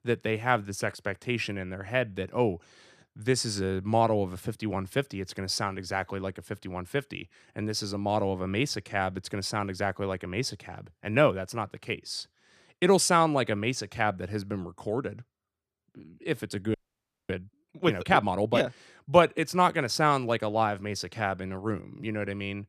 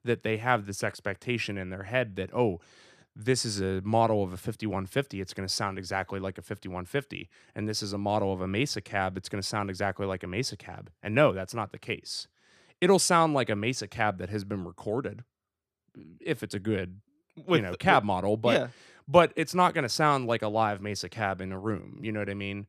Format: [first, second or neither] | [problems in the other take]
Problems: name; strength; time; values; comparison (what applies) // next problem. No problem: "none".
second | audio freezing; at 17 s for 0.5 s